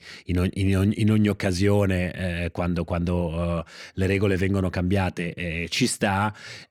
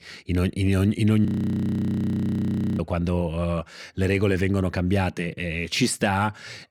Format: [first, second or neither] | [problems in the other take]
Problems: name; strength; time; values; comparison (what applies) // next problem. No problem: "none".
first | audio freezing; at 1.5 s for 1.5 s